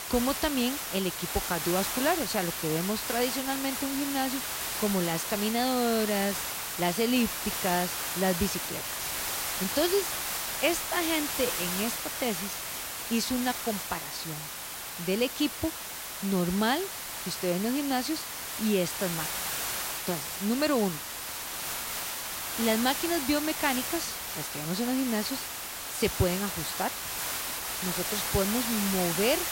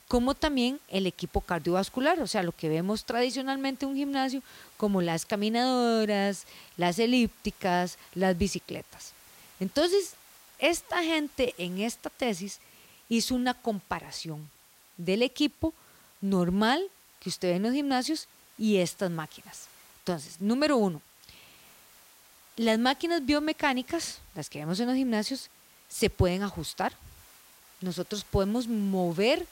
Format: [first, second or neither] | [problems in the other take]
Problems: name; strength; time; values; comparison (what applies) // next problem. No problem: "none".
second | hiss; loud; throughout; 2 dB below the speech; faint in the second